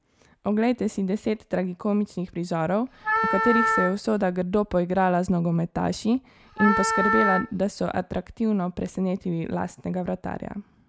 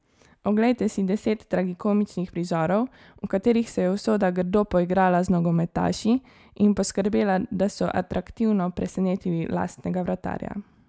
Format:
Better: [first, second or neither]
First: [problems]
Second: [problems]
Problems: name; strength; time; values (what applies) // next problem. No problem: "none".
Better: second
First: background sound (Wind instrument, woodwind instrument); as loud as the speech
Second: none